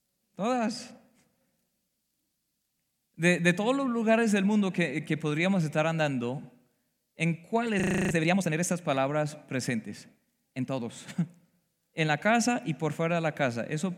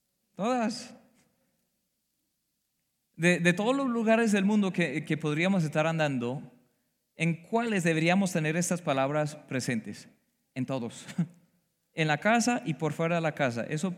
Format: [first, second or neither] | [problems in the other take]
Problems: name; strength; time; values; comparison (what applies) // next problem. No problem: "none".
second | audio freezing; at 8 s